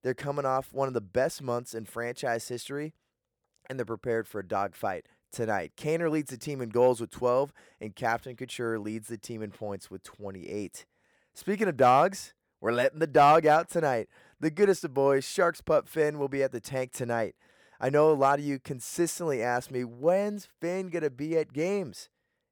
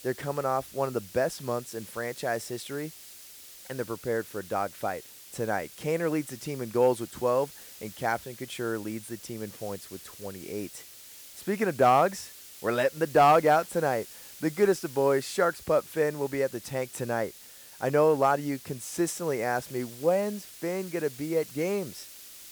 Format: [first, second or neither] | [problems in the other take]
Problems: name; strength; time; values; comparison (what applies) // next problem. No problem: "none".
first | hiss; noticeable; throughout; 15 dB below the speech